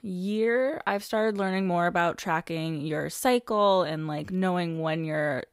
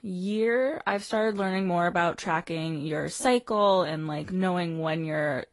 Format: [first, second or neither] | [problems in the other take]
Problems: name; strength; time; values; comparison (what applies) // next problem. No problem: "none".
first | garbled, watery; slightly; nothing above 11 kHz